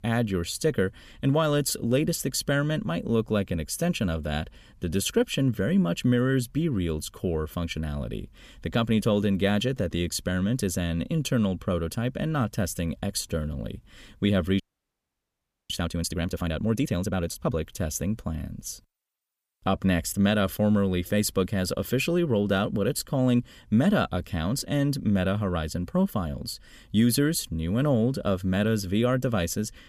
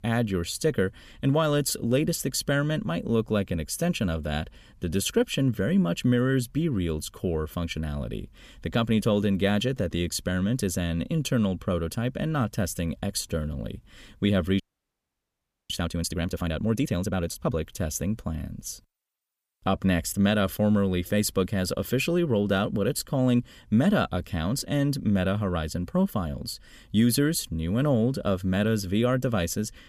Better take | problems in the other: neither | audio freezing; at 15 s for 1 s; the same in both

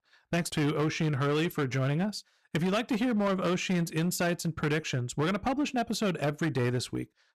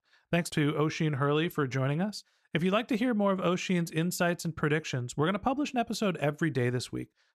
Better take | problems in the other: second | distortion; slight; 13% of the sound clipped

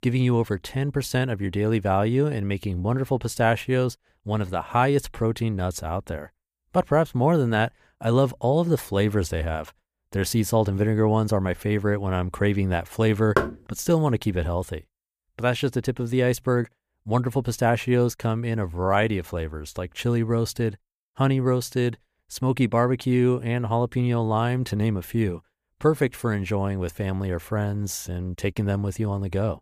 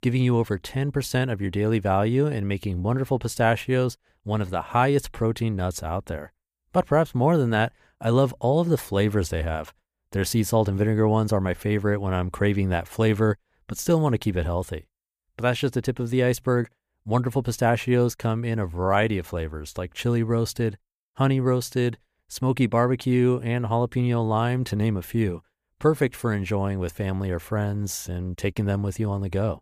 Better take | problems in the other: second | door banging; noticeable; at 13 s; peak 1 dB below the speech

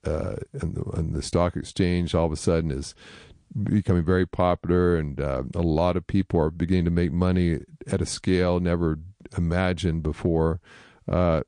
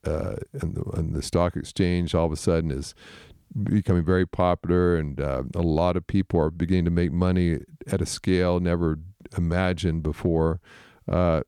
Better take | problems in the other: second | garbled, watery; slightly; nothing above 9 kHz

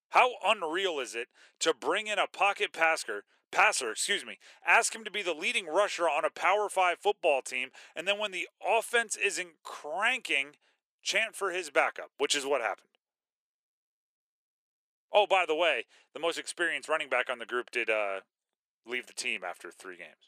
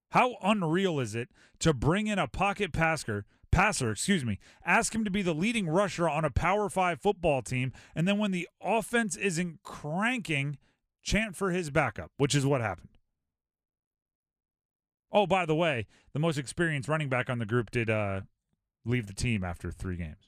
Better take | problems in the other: second | thin; very; fading below 400 Hz

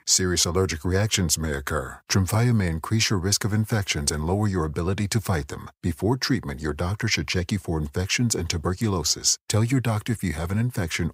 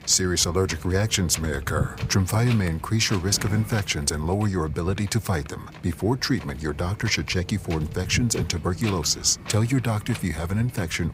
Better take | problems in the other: first | wind noise on the microphone; occasional gusts; 15 dB below the speech

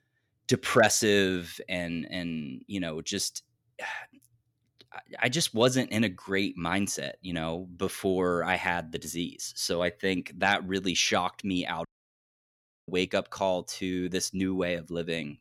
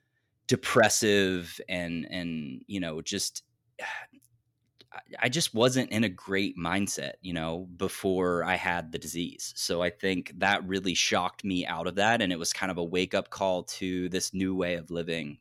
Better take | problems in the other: second | audio cutting out; at 12 s for 1 s

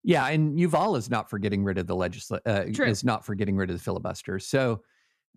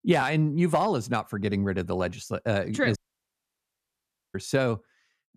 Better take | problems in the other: first | audio cutting out; at 3 s for 1.5 s

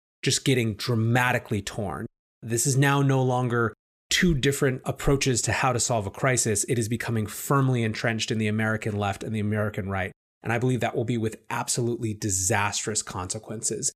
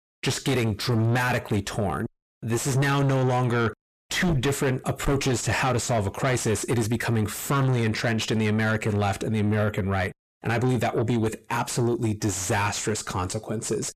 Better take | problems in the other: first | distortion; heavy; 7 dB below the speech

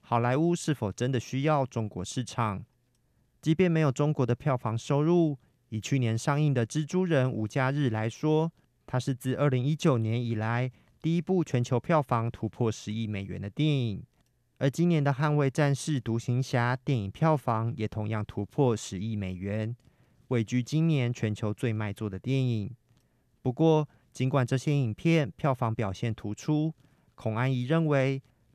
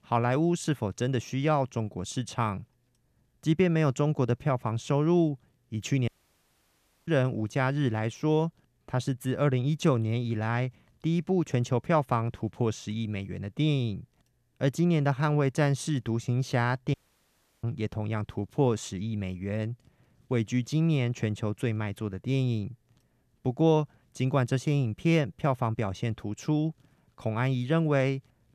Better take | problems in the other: first | audio cutting out; at 6 s for 1 s and at 17 s for 0.5 s

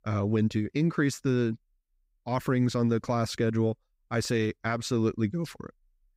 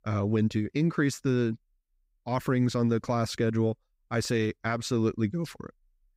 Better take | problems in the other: neither | none

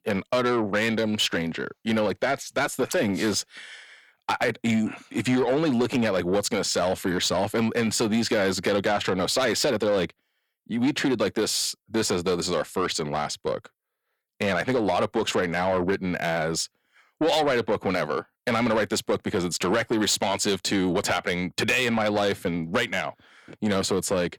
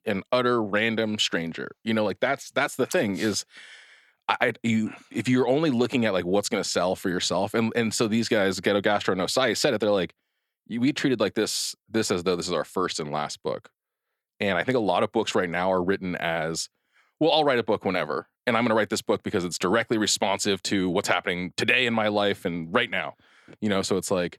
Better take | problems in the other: second | distortion; slight; 10 dB below the speech

